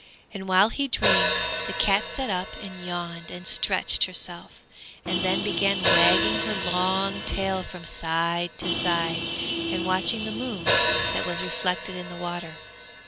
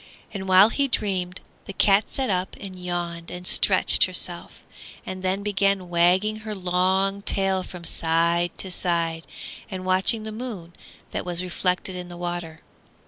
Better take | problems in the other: second | background sound (Vehicle horn, car horn, honking + Hi-hat); 1 dB below the speech

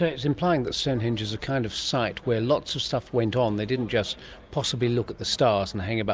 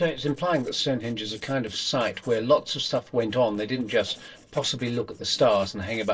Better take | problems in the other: first | noise reduction (neural separator model SepFormer DNS4)

